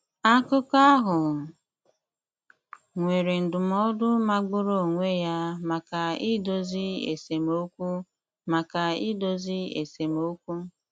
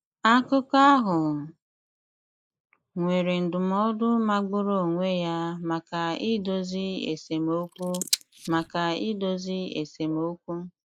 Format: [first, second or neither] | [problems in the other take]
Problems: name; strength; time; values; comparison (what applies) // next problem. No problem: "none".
first | noise reduction (neural mask model Resemble Enhance denoiser)